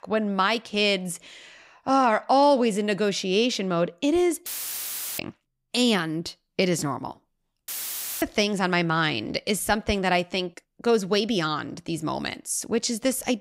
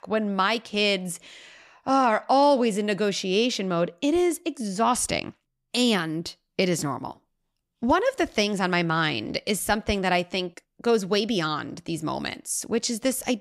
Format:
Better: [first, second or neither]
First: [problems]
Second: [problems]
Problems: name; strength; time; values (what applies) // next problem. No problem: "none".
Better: second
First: audio cutting out; filled with static; at 4.5 s for 0.5 s and at 7.5 s for 0.5 s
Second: none